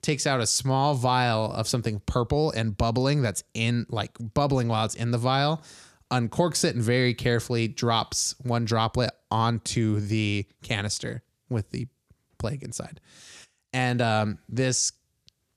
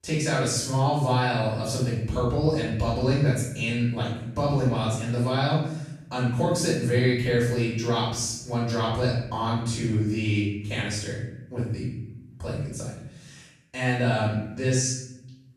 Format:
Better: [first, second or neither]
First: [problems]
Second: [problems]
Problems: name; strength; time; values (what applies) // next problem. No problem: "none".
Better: first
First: none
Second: room echo; noticeable; dies away in 0.8 s // off-mic speech; far